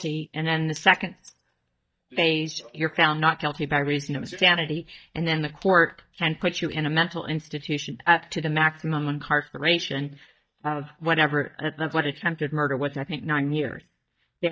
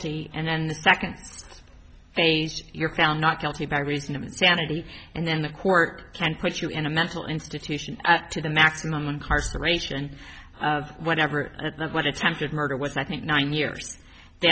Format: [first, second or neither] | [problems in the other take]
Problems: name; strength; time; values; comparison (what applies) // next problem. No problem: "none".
second | noise reduction (neural mask model DeepFilterNet 3)